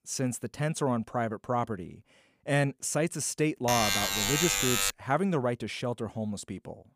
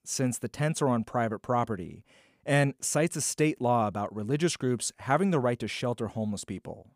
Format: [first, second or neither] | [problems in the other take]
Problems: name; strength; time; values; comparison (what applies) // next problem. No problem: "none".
second | alarm; loud; from 3.5 to 5 s; peak 5 dB above the speech